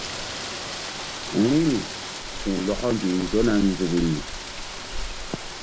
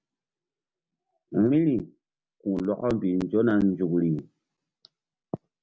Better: second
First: background sound (Rain); 6 dB below the speech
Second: none

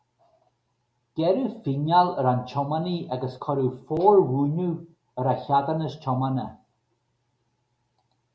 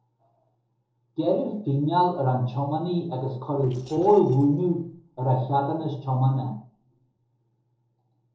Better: first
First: none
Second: noise reduction (neural separator model SepFormer DNS4)

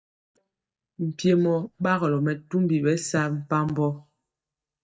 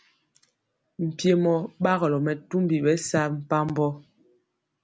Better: second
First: noise reduction (neural mask model DeepFilterNet 3)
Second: none

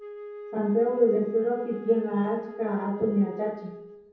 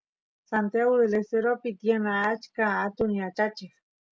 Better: second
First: background sound (Wind instrument, woodwind instrument); 14 dB below the speech // room echo; dies away in 0.9 s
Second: none

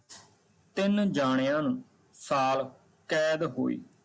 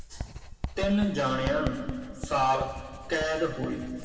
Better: first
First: none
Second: background sound (Writing); 9 dB below the speech // room echo; dies away in 2.1 s

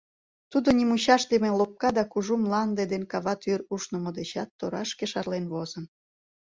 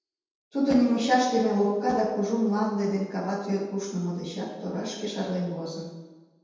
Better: first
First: none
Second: room echo; dies away in 1.1 s

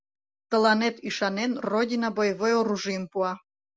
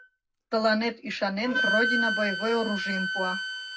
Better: first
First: none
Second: background sound (Wind instrument, woodwind instrument); 2 dB below the speech // room echo; dies away in 0.3 s

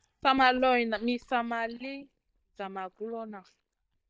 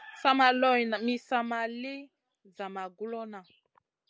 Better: second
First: noise reduction (neural mask model DeepFilterNet 3)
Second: none

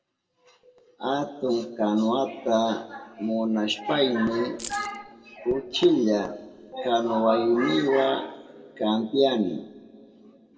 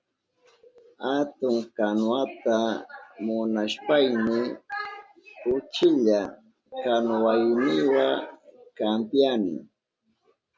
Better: second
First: background sound (Keys jangling); 13 dB below the speech // room echo; dies away in 1.4 s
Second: none

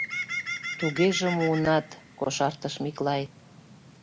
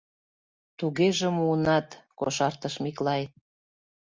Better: second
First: background sound (Bird); 9 dB below the speech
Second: none

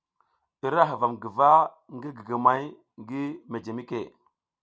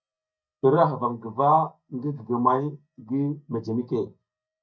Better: first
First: none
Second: noise reduction (neural mask model DeepFilterNet 3)

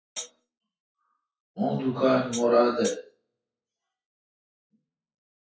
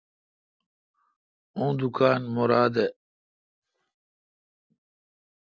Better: second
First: noise reduction (classical method WPE with log-MMSE)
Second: none

